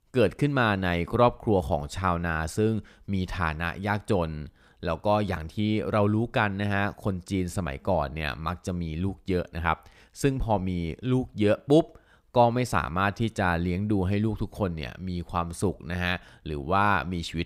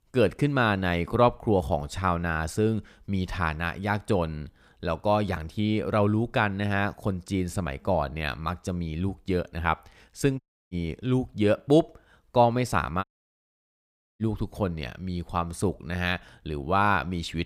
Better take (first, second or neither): first